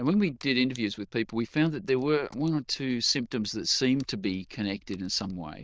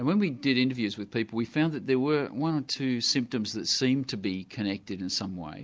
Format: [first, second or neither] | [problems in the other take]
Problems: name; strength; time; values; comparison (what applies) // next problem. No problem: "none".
second | noise reduction (neural diffusion model UNIVERSE++)